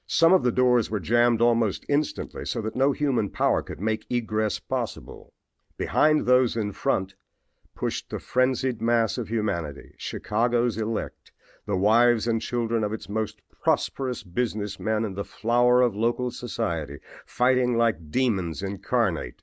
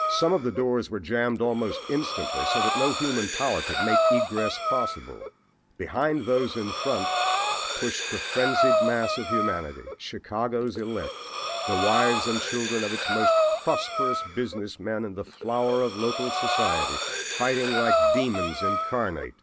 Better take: first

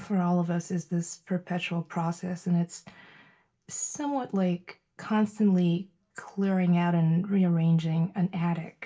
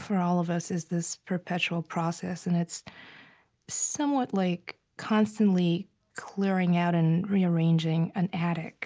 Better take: second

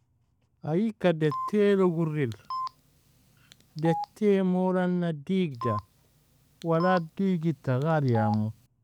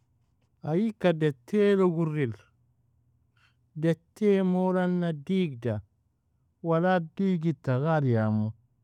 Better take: second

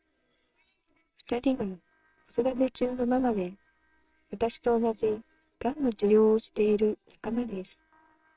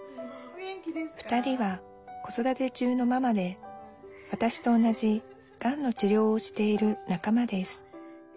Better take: second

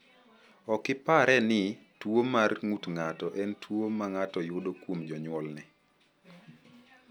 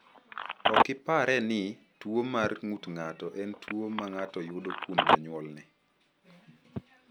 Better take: first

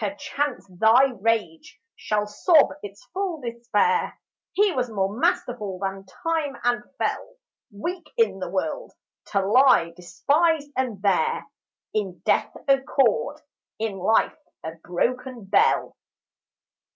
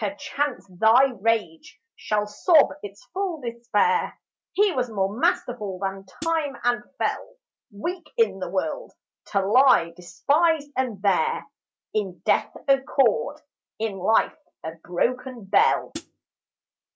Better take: first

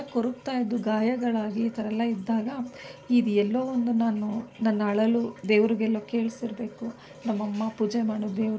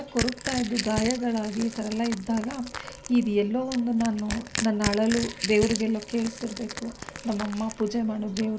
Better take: first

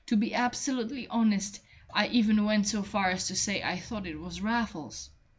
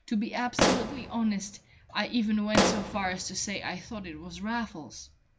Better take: first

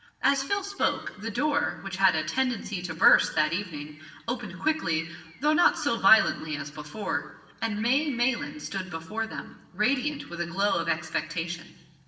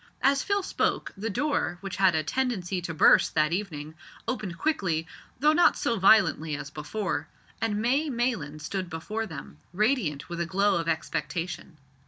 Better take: second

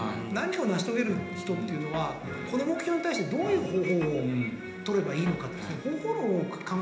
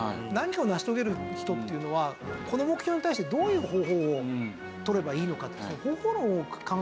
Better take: second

